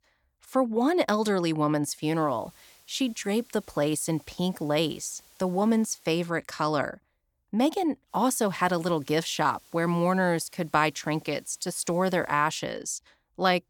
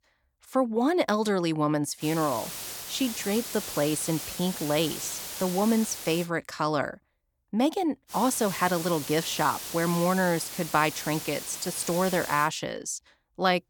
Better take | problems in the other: first | hiss; loud; from 2 to 6 s and from 8 to 12 s; 8 dB below the speech; faint in the first

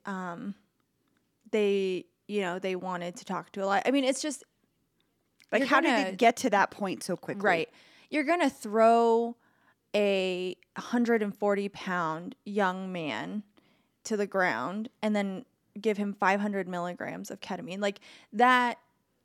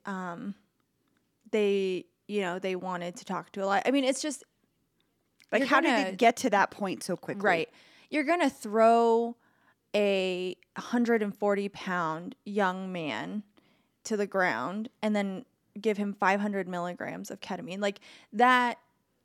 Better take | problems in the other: neither | none

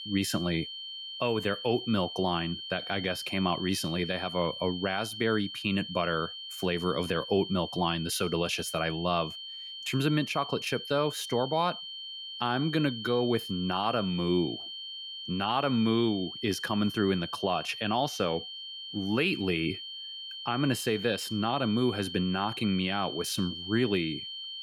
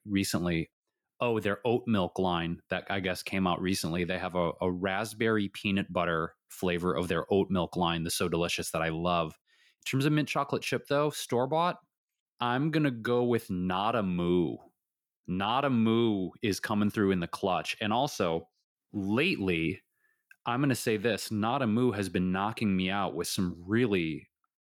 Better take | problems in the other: second | high-pitched whine; loud; throughout; 3 kHz, 8 dB below the speech

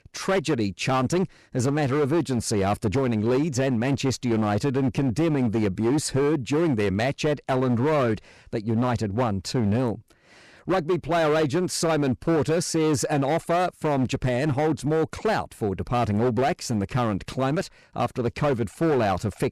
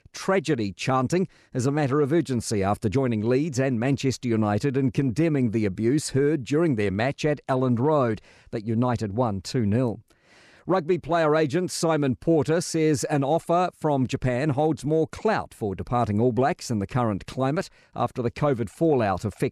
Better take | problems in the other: second | distortion; slight; 15% of the sound clipped

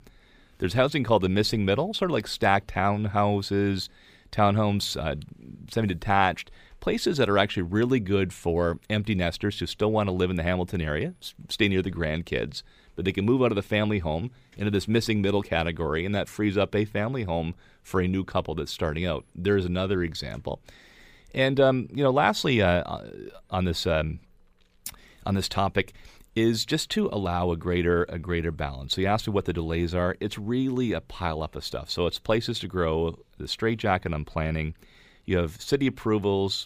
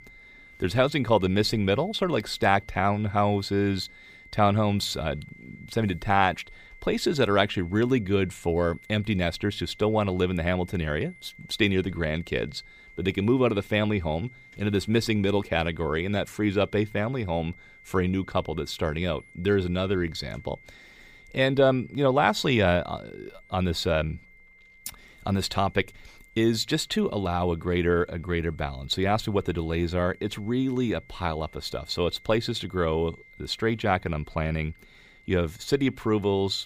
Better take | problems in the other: first | high-pitched whine; faint; throughout; 2 kHz, 25 dB below the speech

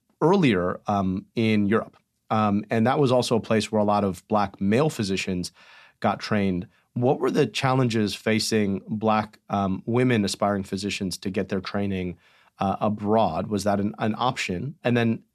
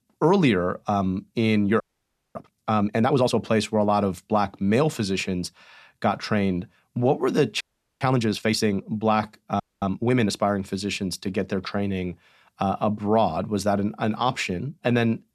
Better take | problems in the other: first | audio freezing; at 2 s for 0.5 s, at 7.5 s and at 9.5 s

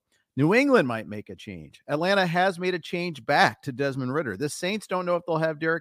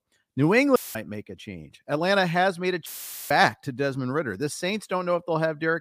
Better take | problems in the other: first | audio cutting out; filled with static; at 1 s and at 3 s

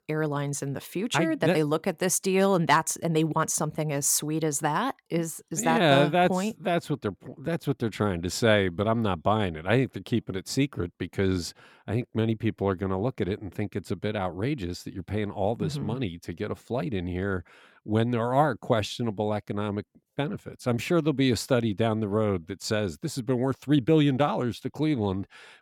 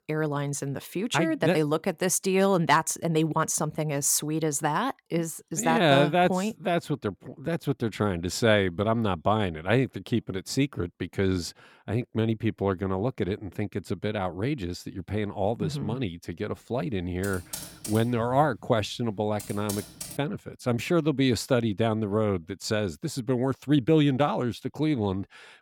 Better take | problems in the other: first | keyboard typing; noticeable; from 17 to 20 s; peak 9 dB below the speech

